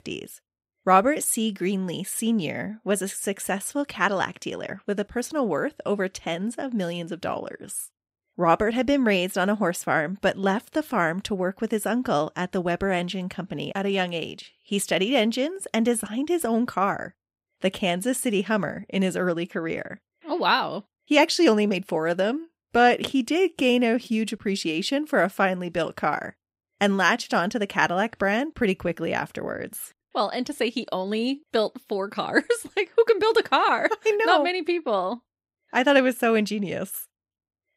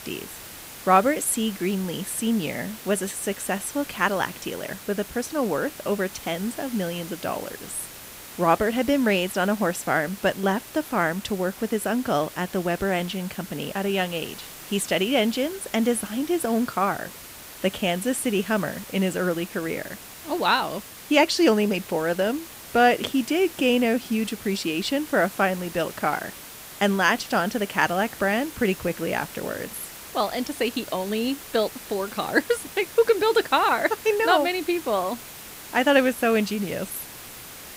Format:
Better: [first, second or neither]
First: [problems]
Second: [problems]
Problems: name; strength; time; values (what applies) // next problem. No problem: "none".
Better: first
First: none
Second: hiss; noticeable; throughout; 15 dB below the speech